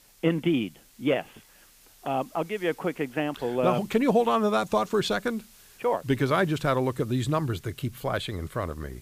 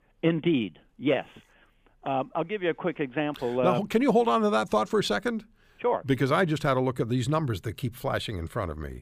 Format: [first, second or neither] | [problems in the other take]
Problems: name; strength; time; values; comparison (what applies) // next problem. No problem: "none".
second | hiss; faint; throughout; 25 dB below the speech